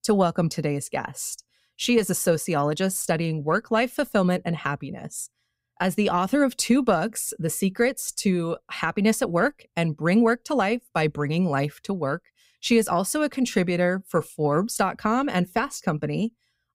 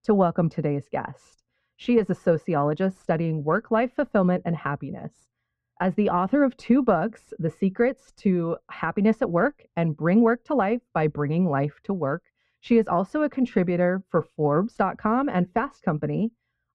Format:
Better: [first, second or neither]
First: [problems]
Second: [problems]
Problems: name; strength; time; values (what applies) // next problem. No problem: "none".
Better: first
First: none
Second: muffled; very; fading above 1.5 kHz